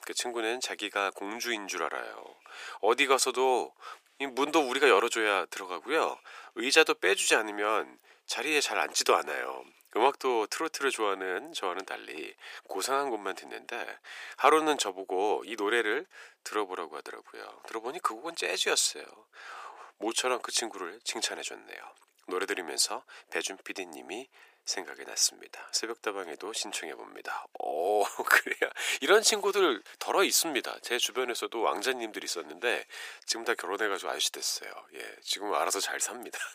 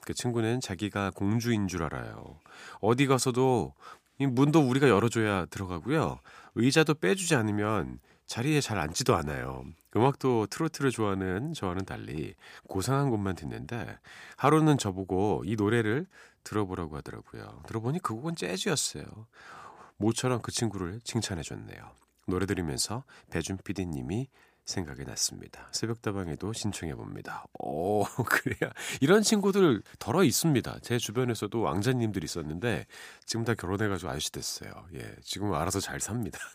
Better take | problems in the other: second | thin; very; fading below 400 Hz

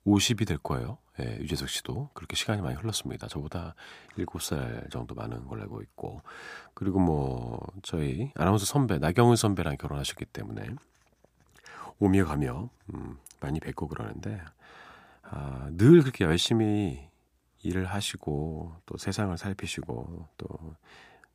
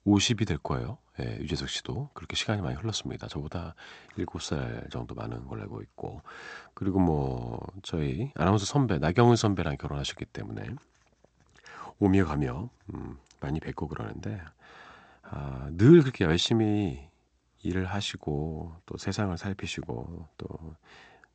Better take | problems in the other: first | garbled, watery; slightly; nothing above 8 kHz

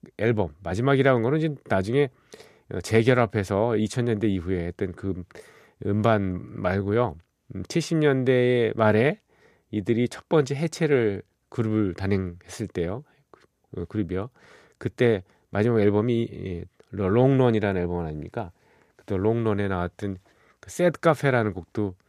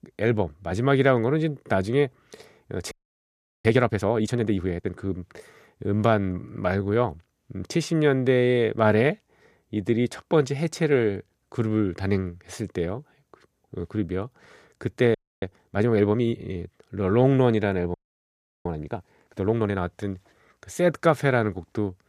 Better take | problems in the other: first | audio freezing; at 3 s for 0.5 s, at 15 s and at 18 s for 0.5 s

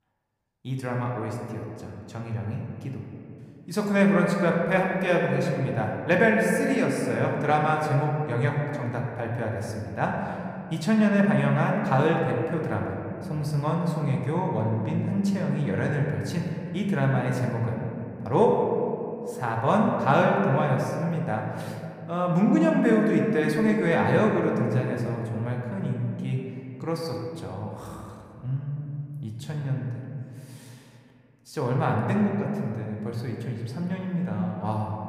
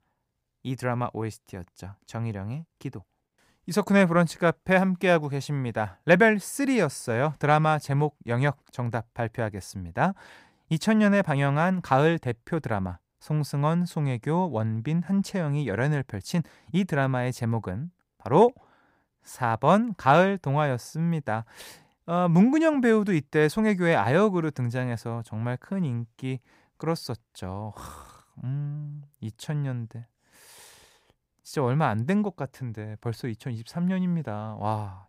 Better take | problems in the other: second | room echo; noticeable; dies away in 2.5 s // off-mic speech; somewhat distant

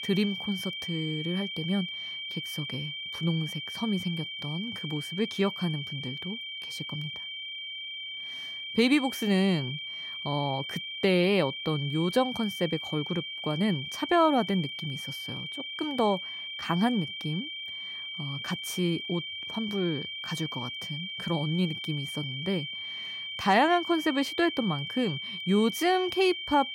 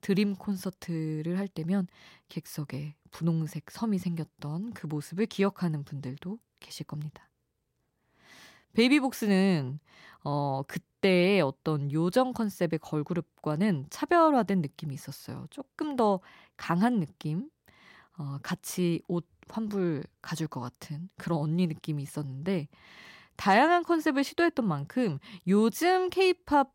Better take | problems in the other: second | high-pitched whine; loud; throughout; 3 kHz, 5 dB below the speech

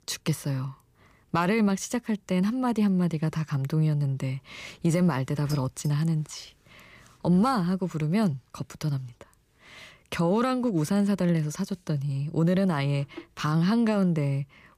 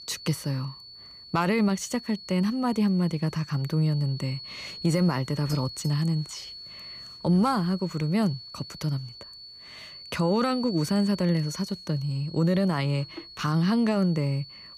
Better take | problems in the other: first | high-pitched whine; noticeable; throughout; 4.5 kHz, 15 dB below the speech

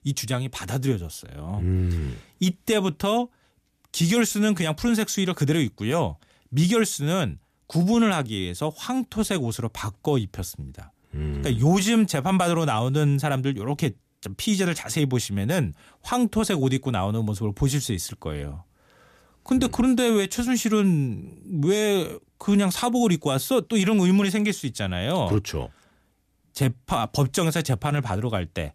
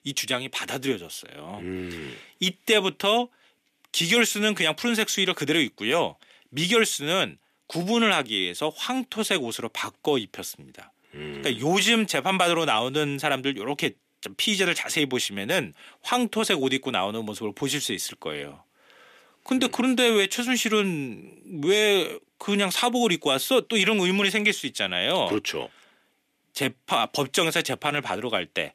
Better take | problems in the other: first | thin; somewhat; fading below 350 Hz

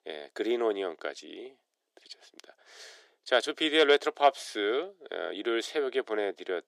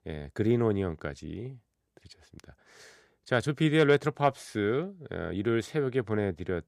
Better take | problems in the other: second | thin; very; fading below 350 Hz

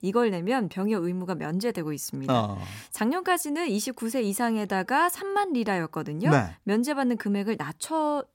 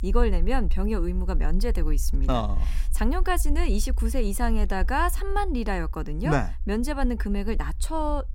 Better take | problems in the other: first | low rumble; faint; throughout; 25 dB below the speech

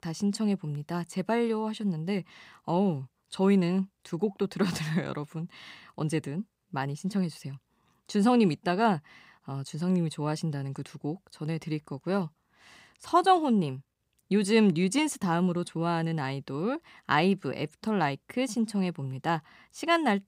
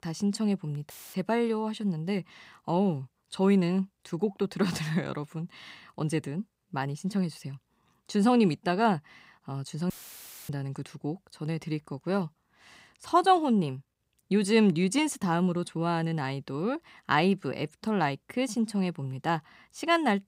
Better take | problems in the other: first | audio cutting out; filled with static; at 1 s and at 10 s for 0.5 s

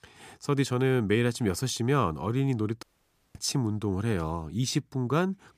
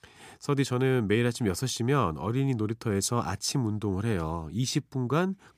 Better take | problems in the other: second | audio cutting out; at 3 s for 0.5 s

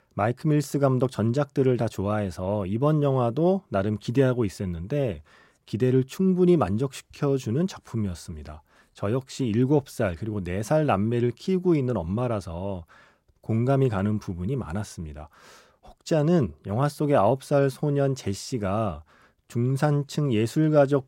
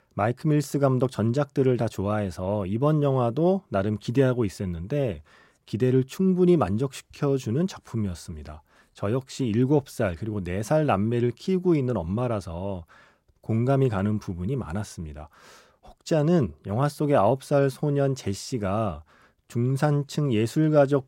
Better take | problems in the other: neither | none

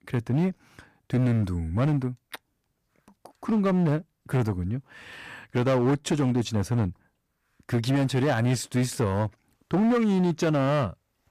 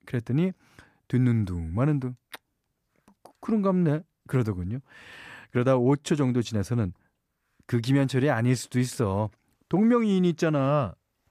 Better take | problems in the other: second | distortion; slight; 11% of the sound clipped

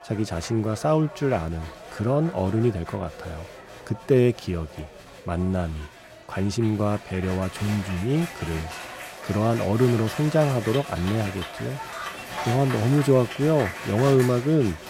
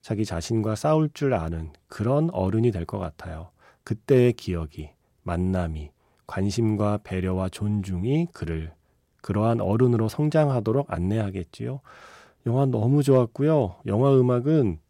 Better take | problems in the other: second | crowd noise; noticeable; throughout; 10 dB below the speech

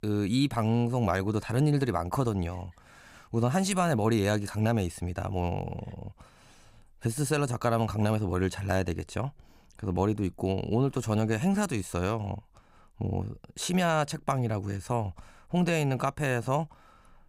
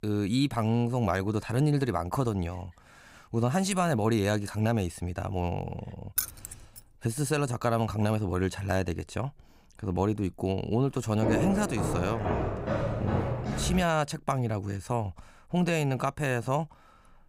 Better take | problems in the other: first | jangling keys; noticeable; at 6 s; peak 1 dB below the speech // footsteps; loud; from 11 to 14 s; peak 1 dB above the speech

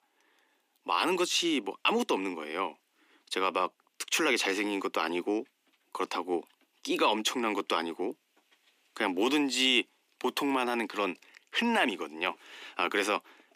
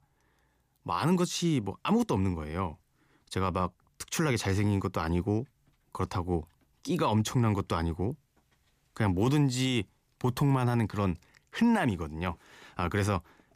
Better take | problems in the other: second | thin; somewhat; fading below 250 Hz

